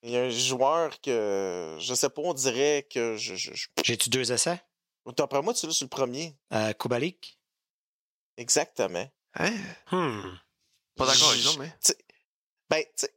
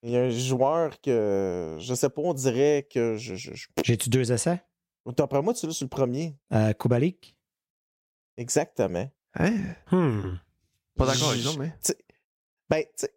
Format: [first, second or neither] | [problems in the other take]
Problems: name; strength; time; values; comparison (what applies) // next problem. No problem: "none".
second | thin; somewhat; fading below 550 Hz